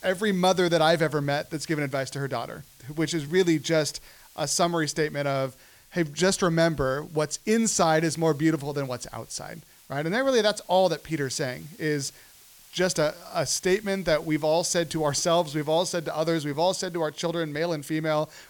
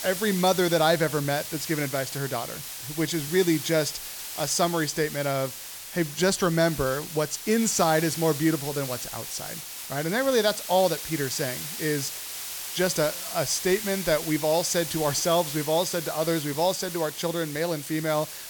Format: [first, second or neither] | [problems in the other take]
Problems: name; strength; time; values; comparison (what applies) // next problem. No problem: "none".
first | hiss; loud; throughout; 7 dB below the speech; faint in the first